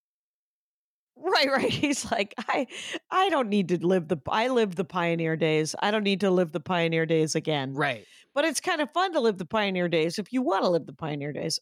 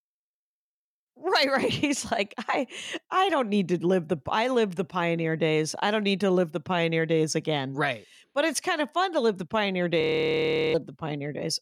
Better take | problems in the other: first | audio freezing; at 10 s for 0.5 s

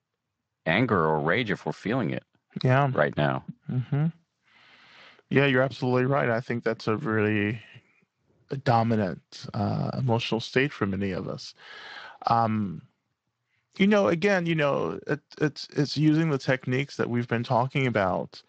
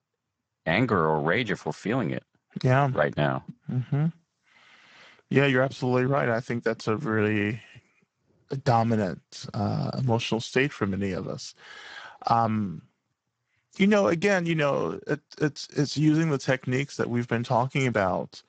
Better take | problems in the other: first | garbled, watery; badly; nothing above 7.5 kHz; slightly in the first

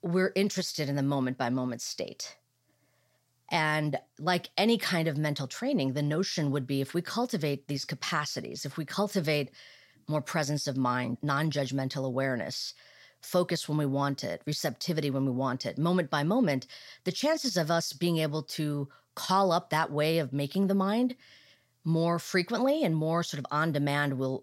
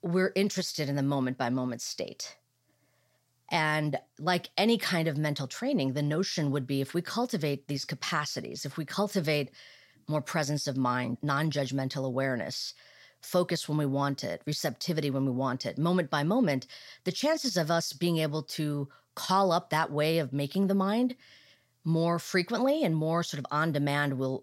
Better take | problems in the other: neither | none

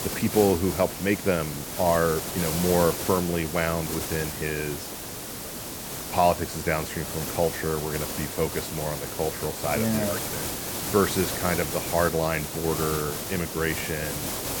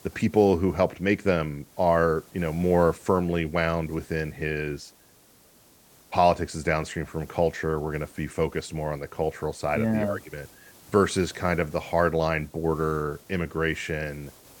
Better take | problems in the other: second | hiss; loud; throughout; 4 dB below the speech; faint in the second

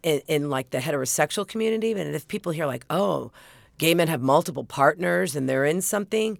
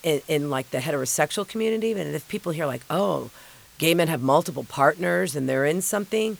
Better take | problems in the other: first | hiss; faint; throughout; 25 dB below the speech

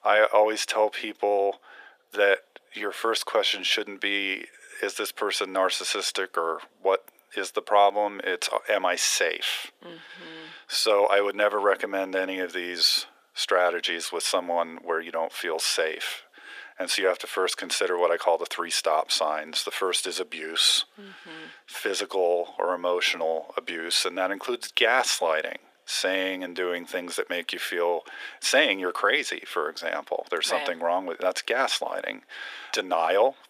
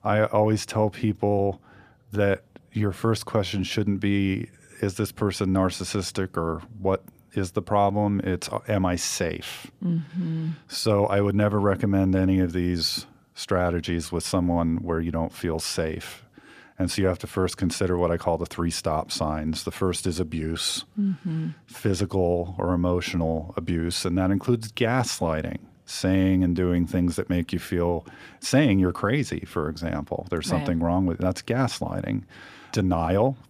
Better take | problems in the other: second | thin; very; fading below 450 Hz

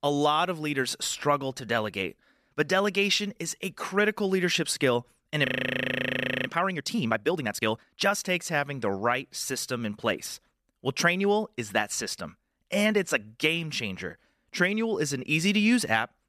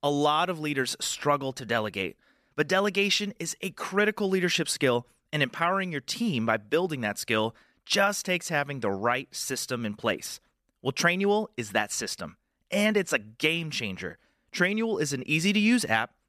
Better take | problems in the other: second | audio freezing; at 5.5 s for 1 s

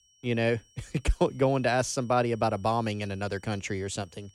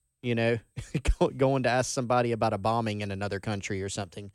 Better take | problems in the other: second | high-pitched whine; faint; throughout; 5.5 kHz, 30 dB below the speech

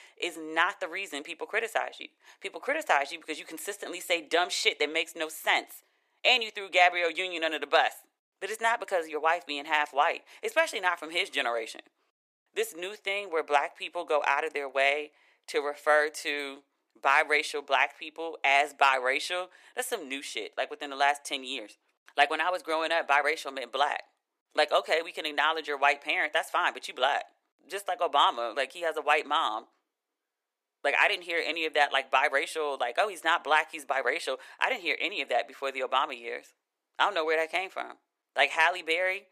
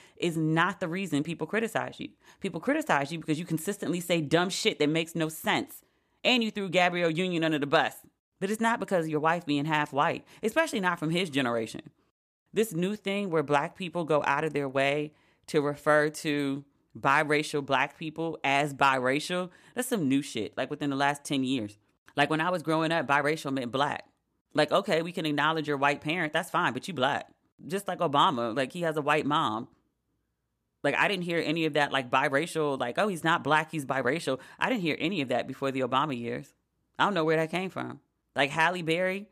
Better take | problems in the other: second | thin; very; fading below 400 Hz

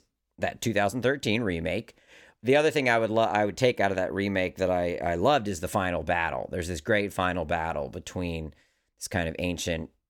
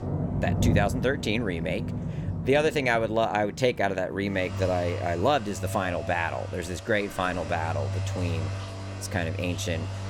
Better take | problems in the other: first | rain or running water; loud; throughout; 5 dB below the speech

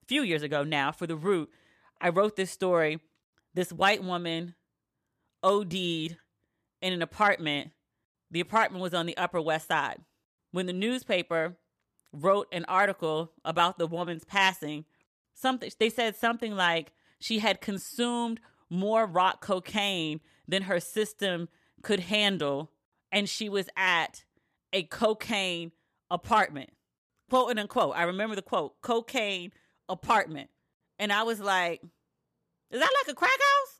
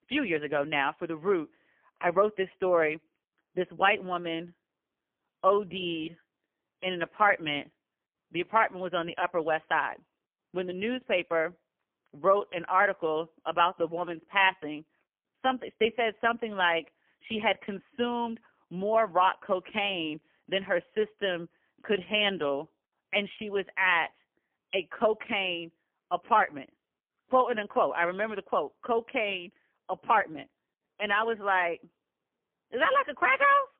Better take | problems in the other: first | phone-call audio; poor line; nothing above 3 kHz

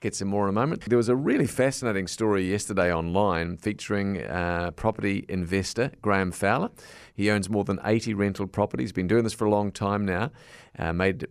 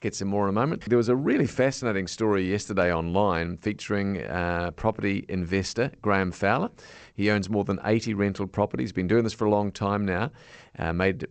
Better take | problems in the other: first | garbled, watery; slightly; nothing above 8 kHz

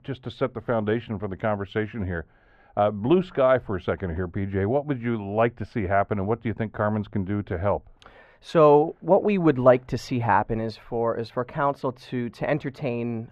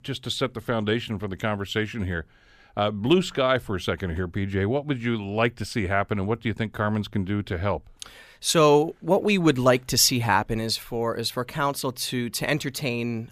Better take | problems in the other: second | muffled; very; fading above 4 kHz

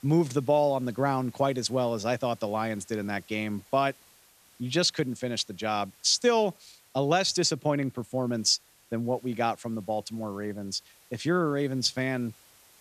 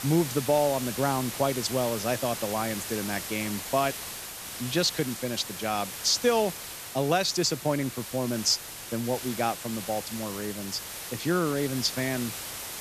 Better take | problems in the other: first | hiss; loud; throughout; 7 dB below the speech; faint in the first

